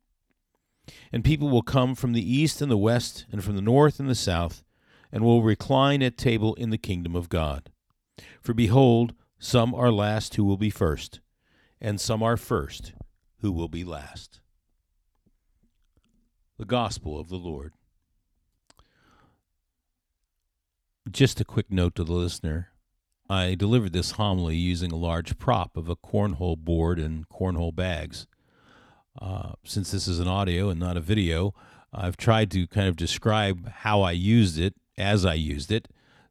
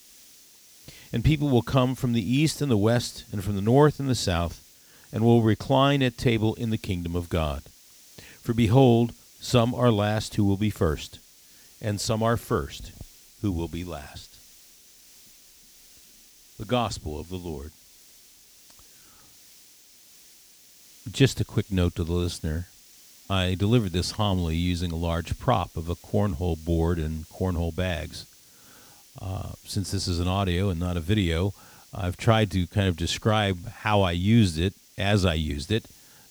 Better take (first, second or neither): first